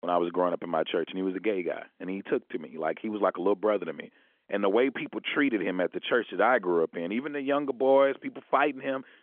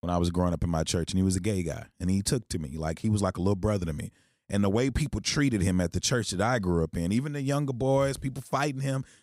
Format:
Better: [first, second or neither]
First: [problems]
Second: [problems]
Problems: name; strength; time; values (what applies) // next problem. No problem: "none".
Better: second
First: phone-call audio; nothing above 3.5 kHz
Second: none